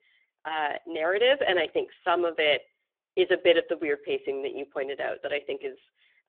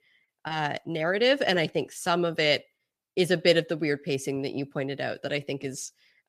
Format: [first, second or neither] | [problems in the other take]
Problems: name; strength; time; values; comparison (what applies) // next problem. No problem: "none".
second | phone-call audio